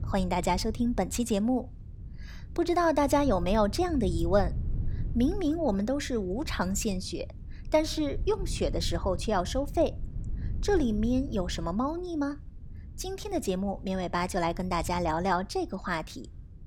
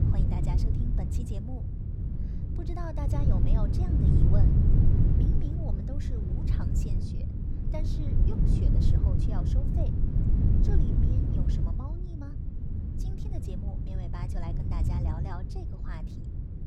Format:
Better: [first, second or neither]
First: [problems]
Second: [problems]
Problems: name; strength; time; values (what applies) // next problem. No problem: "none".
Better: first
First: wind noise on the microphone; occasional gusts; 25 dB below the speech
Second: wind noise on the microphone; heavy; 4 dB above the speech